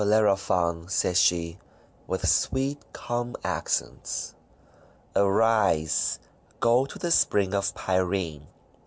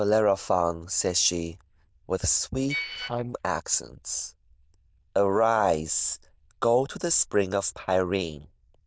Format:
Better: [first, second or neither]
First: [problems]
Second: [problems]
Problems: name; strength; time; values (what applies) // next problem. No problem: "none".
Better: first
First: none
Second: noise reduction (neural diffusion model UNIVERSE++)